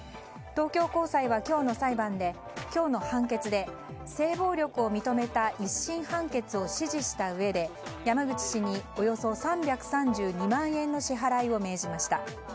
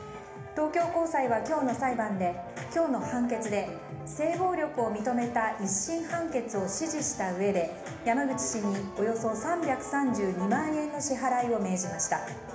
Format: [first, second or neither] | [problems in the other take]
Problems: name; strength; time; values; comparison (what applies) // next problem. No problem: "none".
first | background sound (Wind instrument, woodwind instrument); 19 dB below the speech // room echo; dies away in 1 s